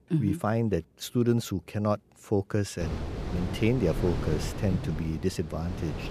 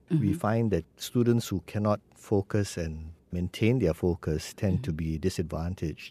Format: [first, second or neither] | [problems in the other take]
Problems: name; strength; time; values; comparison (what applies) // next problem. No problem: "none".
second | wind noise on the microphone; heavy; from 3 s on; 8 dB below the speech